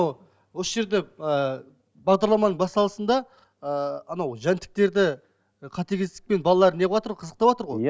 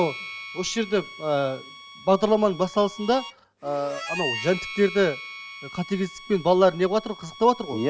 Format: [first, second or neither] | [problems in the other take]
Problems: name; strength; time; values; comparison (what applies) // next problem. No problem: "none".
first | background sound (Harmonica); 13 dB below the speech